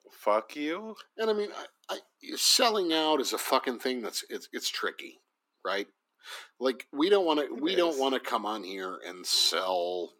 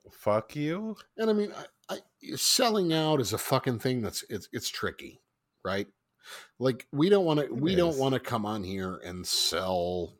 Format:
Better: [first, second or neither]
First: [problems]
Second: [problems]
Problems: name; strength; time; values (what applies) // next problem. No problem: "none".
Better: second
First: thin; somewhat; fading below 250 Hz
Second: none